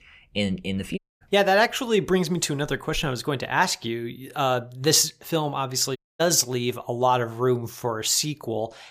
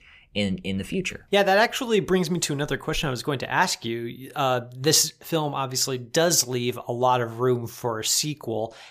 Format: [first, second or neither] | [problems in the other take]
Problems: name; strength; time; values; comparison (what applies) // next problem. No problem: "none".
second | audio cutting out; at 1 s and at 6 s